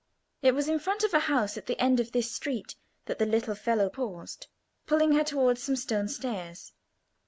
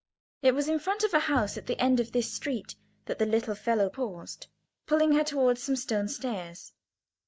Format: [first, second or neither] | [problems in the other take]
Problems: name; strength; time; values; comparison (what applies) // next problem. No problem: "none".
first | noise reduction (neural mask model DeepFilterNet 3)